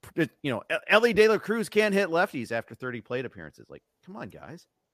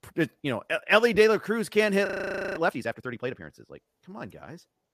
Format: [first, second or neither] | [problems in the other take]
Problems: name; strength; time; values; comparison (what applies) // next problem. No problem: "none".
first | audio freezing; at 2 s for 0.5 s